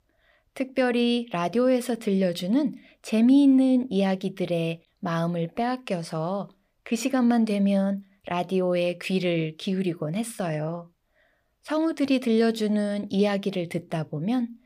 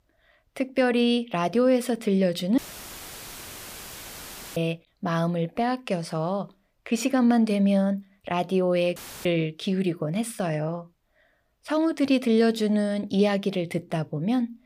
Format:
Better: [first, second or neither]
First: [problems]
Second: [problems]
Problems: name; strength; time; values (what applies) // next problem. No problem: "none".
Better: first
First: none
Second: audio cutting out; filled with static; at 2.5 s for 2 s and at 9 s